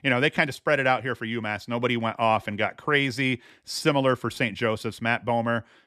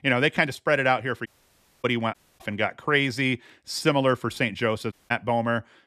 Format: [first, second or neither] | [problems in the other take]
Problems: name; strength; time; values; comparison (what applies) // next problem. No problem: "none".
first | audio cutting out; at 1.5 s for 0.5 s, at 2 s and at 5 s